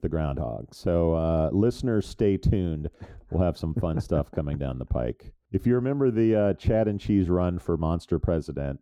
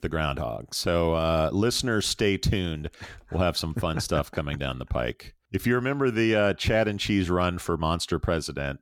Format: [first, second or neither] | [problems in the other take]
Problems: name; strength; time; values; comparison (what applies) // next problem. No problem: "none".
second | muffled; slightly; fading above 1 kHz